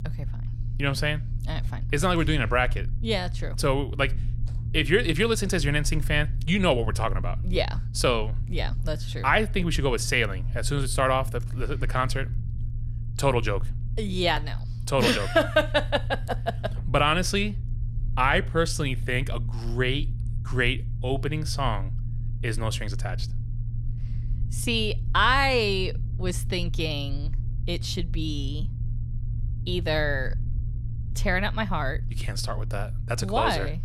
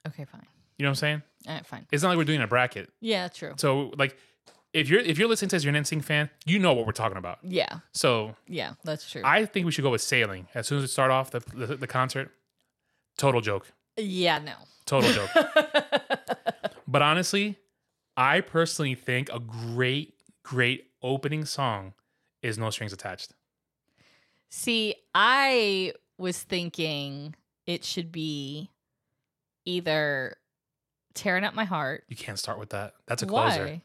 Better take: second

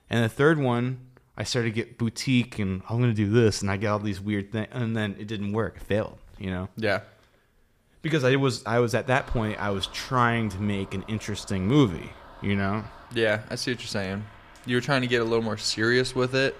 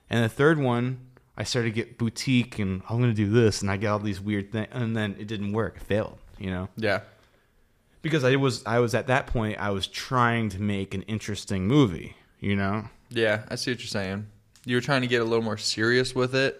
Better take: second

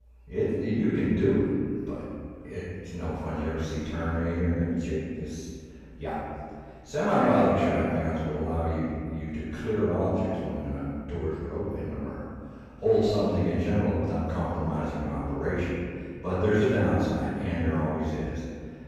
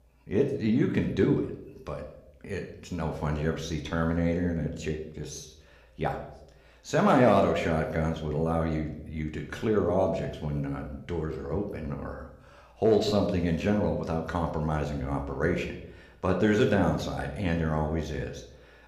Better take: second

